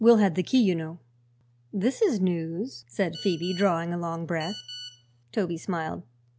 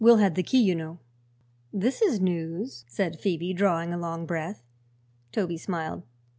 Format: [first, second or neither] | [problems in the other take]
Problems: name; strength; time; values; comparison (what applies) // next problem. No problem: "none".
second | background sound (Telephone); 16 dB below the speech